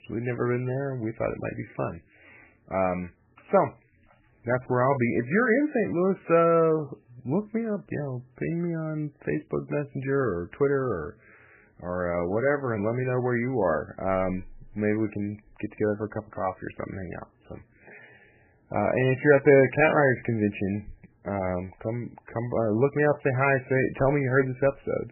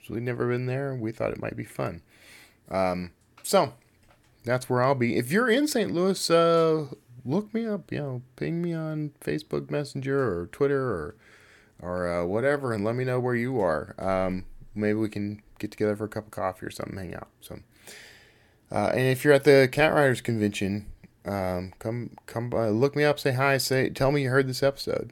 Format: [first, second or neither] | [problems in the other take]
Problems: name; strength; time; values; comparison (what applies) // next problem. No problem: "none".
second | garbled, watery; badly; nothing above 2.5 kHz